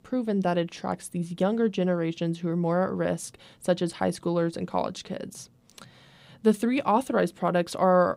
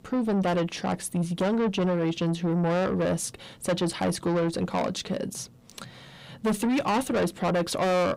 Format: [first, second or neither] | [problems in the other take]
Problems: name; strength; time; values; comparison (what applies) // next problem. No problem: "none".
first | distortion; heavy; 6 dB below the speech